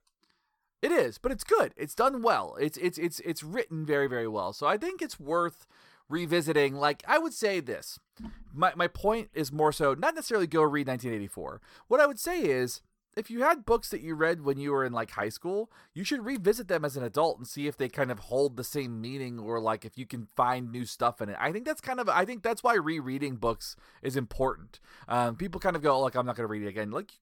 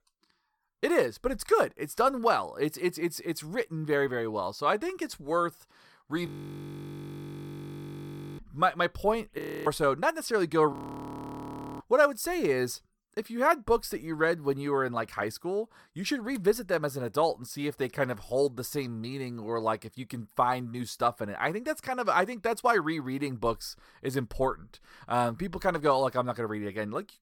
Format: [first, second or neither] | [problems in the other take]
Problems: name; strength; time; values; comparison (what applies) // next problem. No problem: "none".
first | audio freezing; at 6.5 s for 2 s, at 9.5 s and at 11 s for 1 s